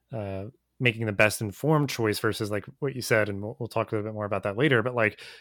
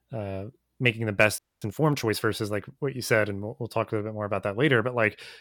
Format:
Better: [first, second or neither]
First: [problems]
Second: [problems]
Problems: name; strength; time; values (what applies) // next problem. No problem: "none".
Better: first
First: none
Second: audio freezing; at 1.5 s